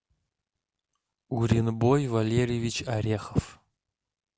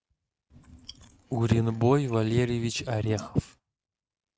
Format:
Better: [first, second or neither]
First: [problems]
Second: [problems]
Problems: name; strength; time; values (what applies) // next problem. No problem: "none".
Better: first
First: none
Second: noise reduction (neural mask model RNNoise)